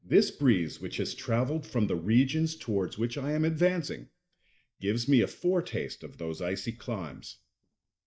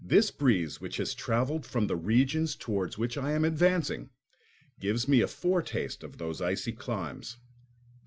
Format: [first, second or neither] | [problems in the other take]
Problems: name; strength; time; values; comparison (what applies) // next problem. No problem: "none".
second | noise reduction (neural mask model DeepFilterNet 3)